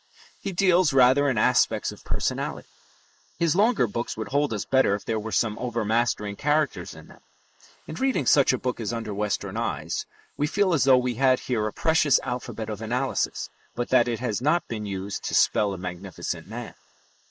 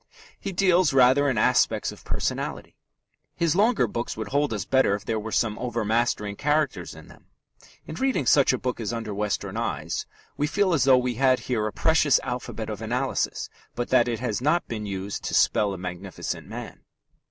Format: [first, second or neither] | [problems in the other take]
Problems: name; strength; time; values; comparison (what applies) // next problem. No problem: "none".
second | noise reduction (neural mask model Resemble Enhance denoiser)